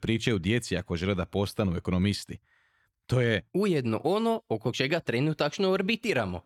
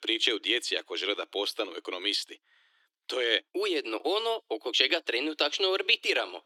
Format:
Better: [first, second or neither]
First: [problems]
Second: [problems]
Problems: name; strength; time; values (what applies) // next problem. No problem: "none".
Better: first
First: none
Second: thin; very; fading below 300 Hz